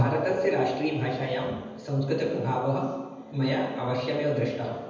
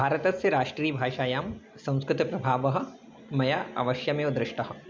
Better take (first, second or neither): second